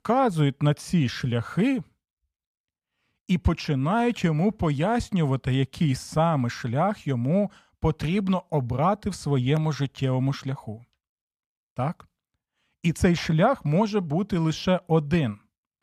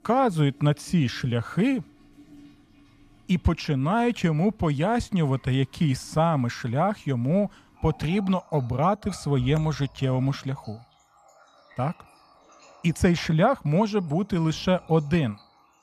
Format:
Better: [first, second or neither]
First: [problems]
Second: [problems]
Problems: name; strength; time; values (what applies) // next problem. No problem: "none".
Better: first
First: none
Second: household noises; faint; throughout; 25 dB below the speech